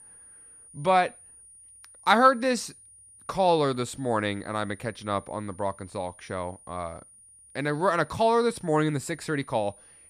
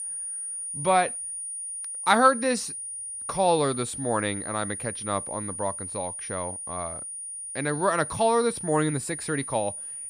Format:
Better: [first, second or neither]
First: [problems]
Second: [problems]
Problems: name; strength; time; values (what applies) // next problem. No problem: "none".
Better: first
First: high-pitched whine; faint; throughout; 9.5 kHz, 25 dB below the speech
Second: high-pitched whine; loud; throughout; 9.5 kHz, 6 dB below the speech